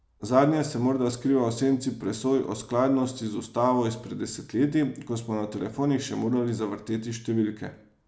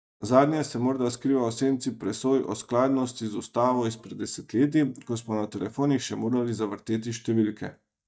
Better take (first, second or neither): first